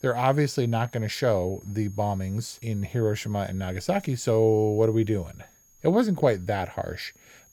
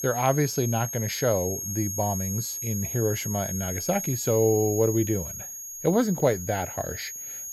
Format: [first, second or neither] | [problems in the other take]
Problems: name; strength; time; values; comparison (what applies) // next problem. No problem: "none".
first | high-pitched whine; loud; throughout; 6.5 kHz, 5 dB below the speech; faint in the first